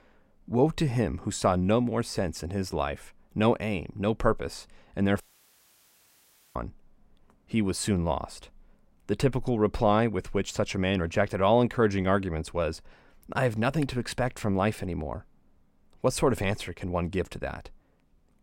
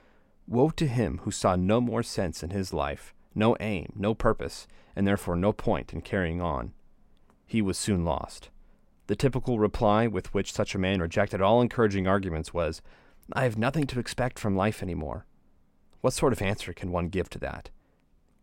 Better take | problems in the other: second | audio cutting out; at 5 s for 1.5 s

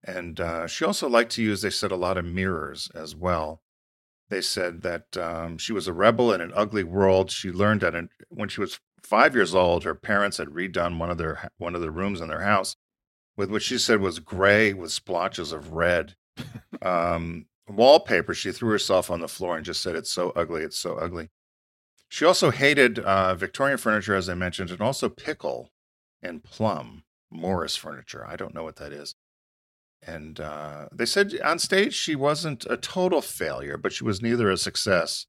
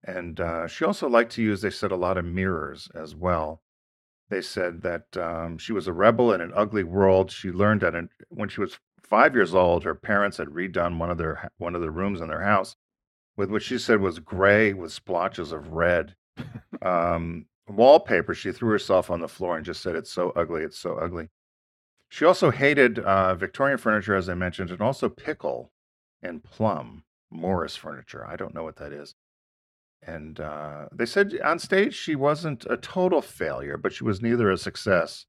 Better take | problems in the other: first | muffled; slightly; fading above 3 kHz

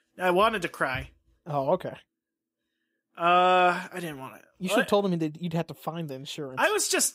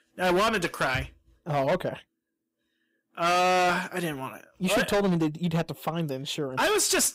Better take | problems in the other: first | distortion; heavy; 13% of the sound clipped

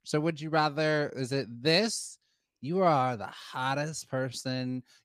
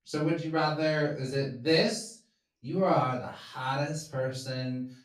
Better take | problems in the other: first | off-mic speech; far // room echo; slight; dies away in 0.3 s

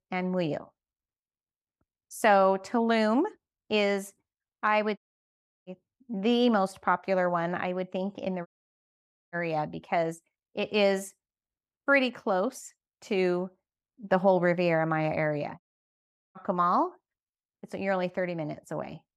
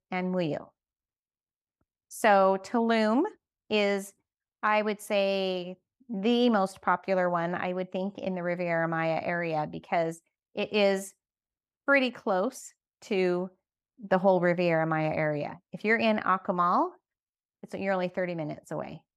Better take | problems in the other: second | audio cutting out; at 5 s for 0.5 s, at 8.5 s for 1 s and at 16 s for 1 s

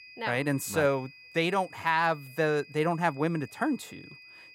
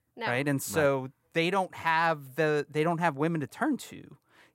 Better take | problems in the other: second | high-pitched whine; faint; throughout; 2.5 kHz, 20 dB below the speech

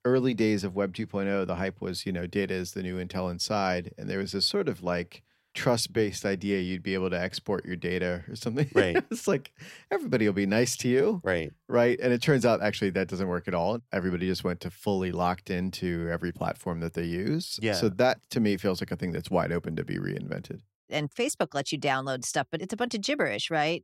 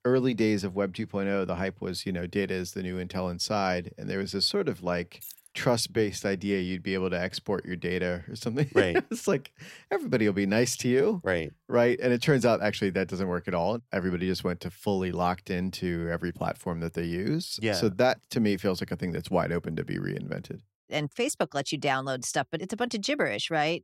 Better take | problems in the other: first | jangling keys; faint; at 5 s; peak 15 dB below the speech

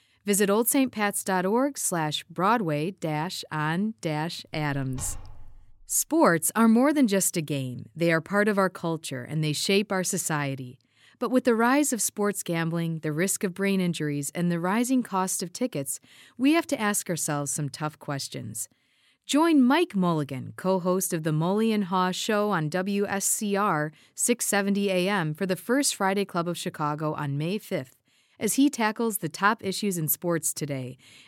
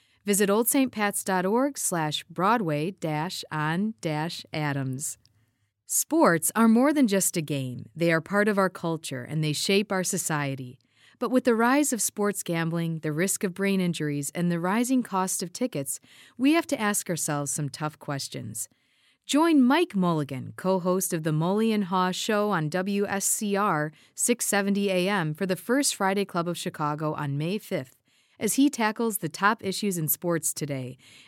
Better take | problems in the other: second | door banging; faint; from 4.5 to 6 s; peak 15 dB below the speech

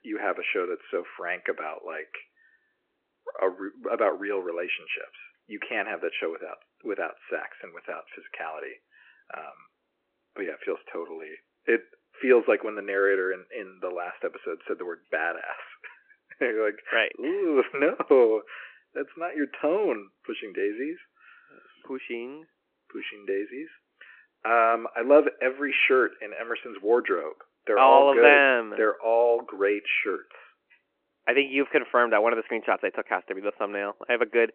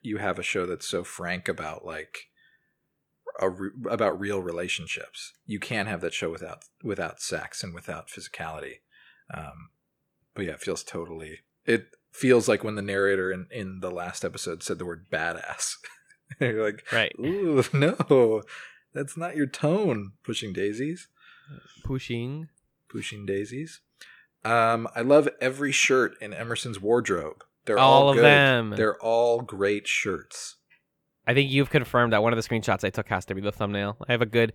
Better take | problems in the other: second | phone-call audio

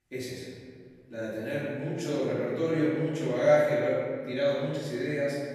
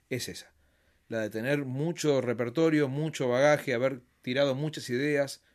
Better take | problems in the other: second | off-mic speech; far // room echo; strong; dies away in 1.8 s

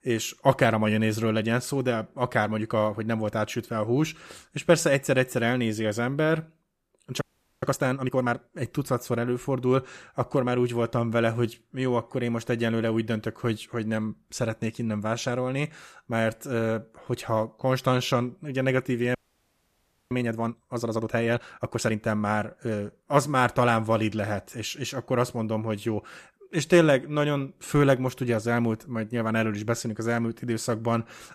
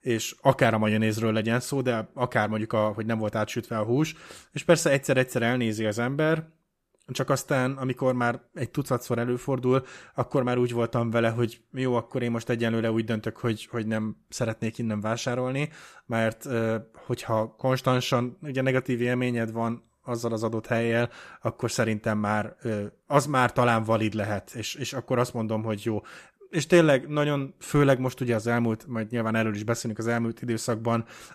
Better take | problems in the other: second | audio freezing; at 7 s and at 19 s for 1 s

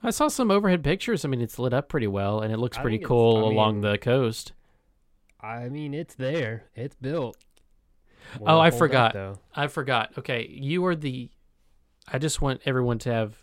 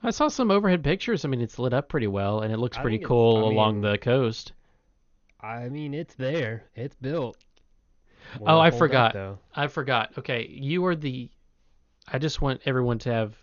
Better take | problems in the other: first | garbled, watery; slightly; nothing above 6.5 kHz

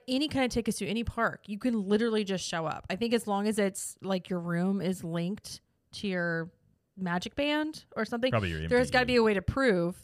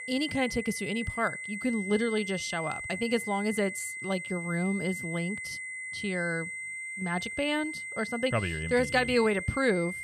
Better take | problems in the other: first | high-pitched whine; loud; throughout; 2 kHz, 6 dB below the speech

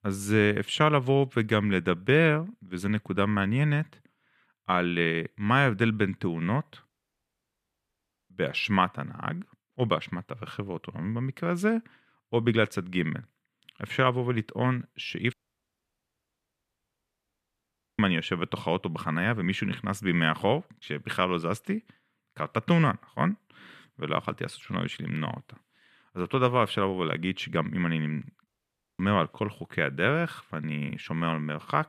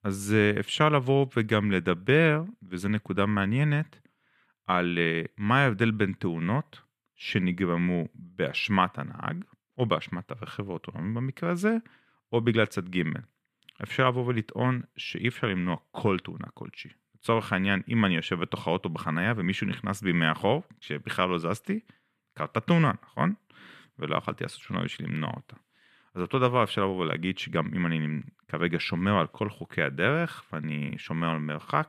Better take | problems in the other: second | audio cutting out; at 7 s for 1.5 s, at 15 s for 2.5 s and at 28 s for 0.5 s

